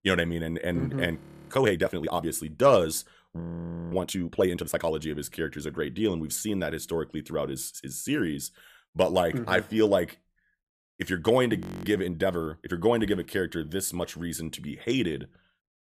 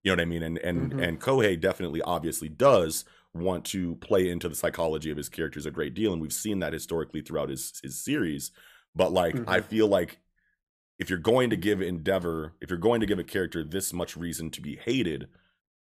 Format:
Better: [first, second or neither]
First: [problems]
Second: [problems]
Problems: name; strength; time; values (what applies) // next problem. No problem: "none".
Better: second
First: audio freezing; at 1 s, at 3.5 s for 0.5 s and at 12 s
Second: none